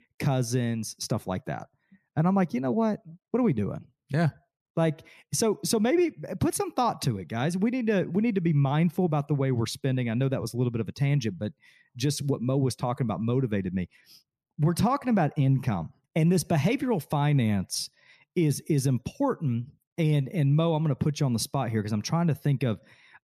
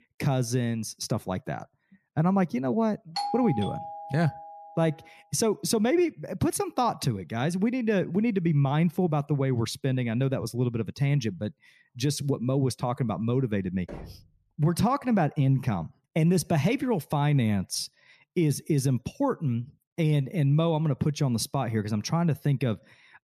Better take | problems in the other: first | doorbell; noticeable; from 3 to 4.5 s; peak 4 dB below the speech // door banging; faint; at 14 s; peak 15 dB below the speech

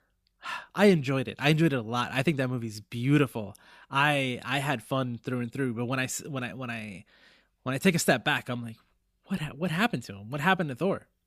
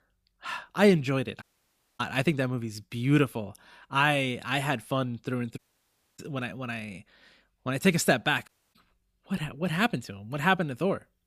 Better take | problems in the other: first | audio cutting out; at 1.5 s for 0.5 s, at 5.5 s for 0.5 s and at 8.5 s

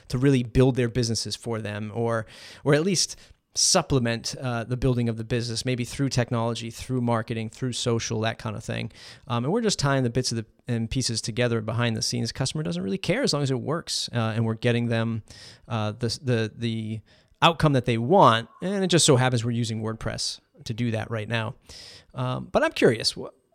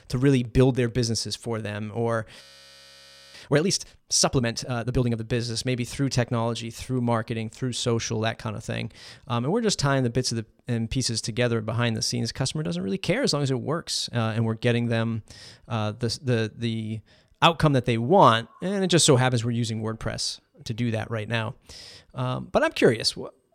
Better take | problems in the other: first | audio freezing; at 2.5 s for 1 s

